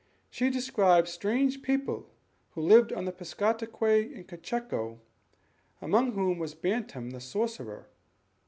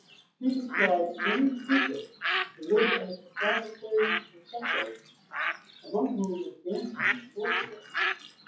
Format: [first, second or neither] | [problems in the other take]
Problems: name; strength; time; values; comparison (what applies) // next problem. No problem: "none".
first | noise reduction (classical method WPE with log-MMSE)